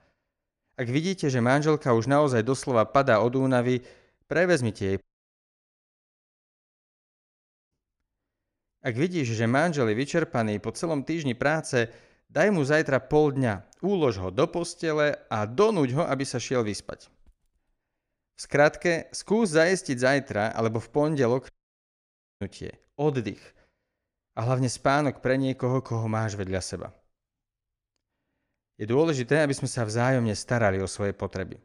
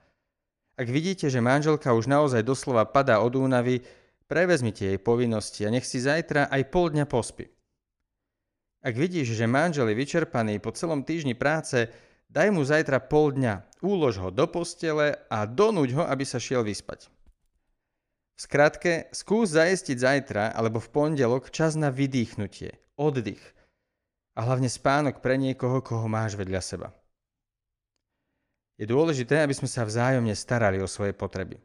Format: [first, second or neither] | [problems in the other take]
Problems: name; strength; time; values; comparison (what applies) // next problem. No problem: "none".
second | audio cutting out; at 5 s for 2.5 s and at 22 s for 1 s